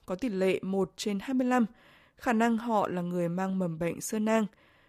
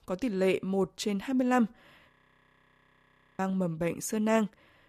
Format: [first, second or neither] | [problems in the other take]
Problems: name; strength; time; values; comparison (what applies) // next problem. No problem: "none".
first | audio freezing; at 2 s for 1.5 s